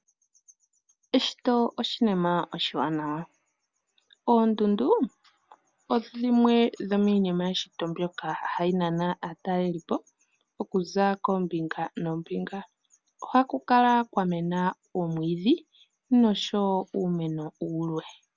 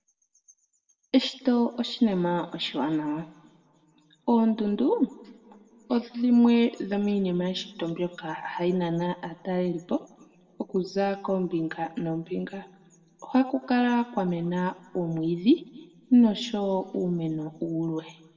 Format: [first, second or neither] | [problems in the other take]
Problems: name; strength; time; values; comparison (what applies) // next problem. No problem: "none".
first | room echo; dies away in 1.2 s